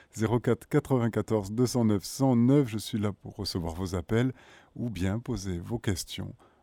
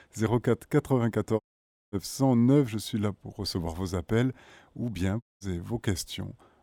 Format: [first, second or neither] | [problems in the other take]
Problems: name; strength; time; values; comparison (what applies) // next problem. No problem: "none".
first | audio cutting out; at 1.5 s for 0.5 s and at 5 s